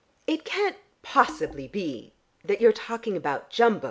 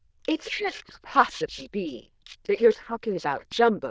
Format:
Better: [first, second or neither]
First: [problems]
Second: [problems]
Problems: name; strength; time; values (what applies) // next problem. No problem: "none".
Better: first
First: none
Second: noise reduction (neural diffusion model UNIVERSE++)